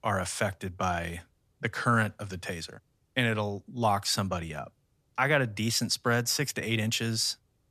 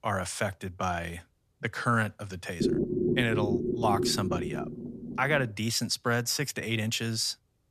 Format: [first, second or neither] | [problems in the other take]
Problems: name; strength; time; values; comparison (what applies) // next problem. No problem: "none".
first | low rumble; loud; from 2.5 to 5.5 s; 4 dB below the speech